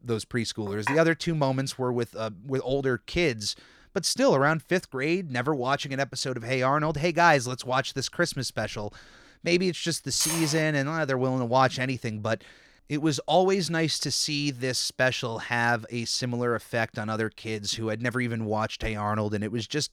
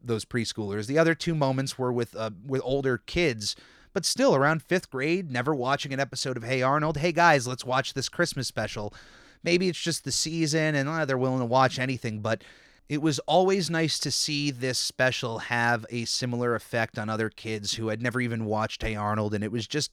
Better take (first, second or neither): second